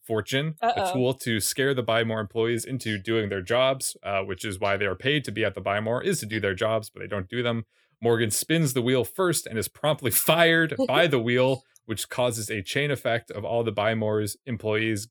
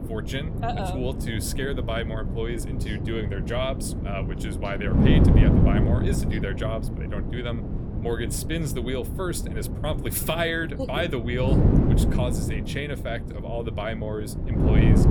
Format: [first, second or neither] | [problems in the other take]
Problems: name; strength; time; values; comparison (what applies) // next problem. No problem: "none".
first | wind noise on the microphone; heavy; 3 dB below the speech